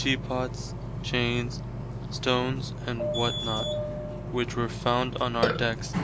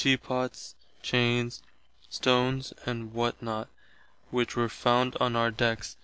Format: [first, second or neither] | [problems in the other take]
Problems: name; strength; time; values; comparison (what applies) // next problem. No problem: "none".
second | background sound (Burping, eructation); 2 dB below the speech